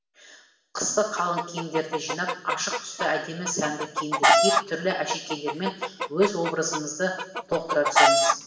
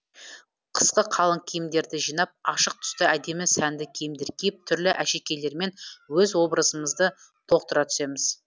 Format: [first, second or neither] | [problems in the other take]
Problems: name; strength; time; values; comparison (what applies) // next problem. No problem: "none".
second | background sound (Chicken, rooster); 2 dB above the speech // room echo; dies away in 0.9 s